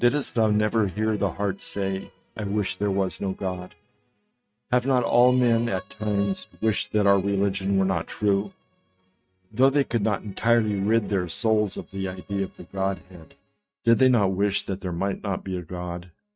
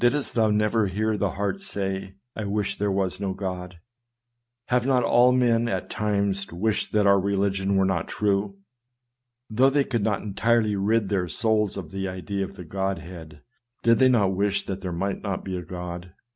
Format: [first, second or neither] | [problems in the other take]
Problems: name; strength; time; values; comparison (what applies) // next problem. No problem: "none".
second | noise reduction (neural mask model RNNoise)